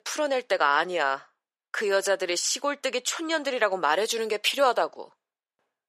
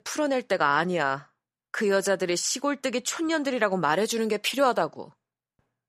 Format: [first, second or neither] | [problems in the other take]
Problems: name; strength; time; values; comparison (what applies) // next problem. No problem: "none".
second | thin; somewhat; fading below 500 Hz